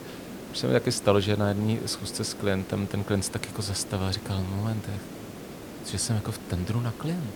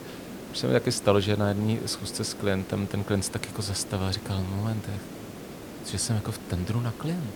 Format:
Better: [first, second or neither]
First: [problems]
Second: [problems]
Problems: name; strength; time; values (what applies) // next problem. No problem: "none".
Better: neither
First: hiss; noticeable; throughout; 10 dB below the speech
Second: hiss; noticeable; throughout; 10 dB below the speech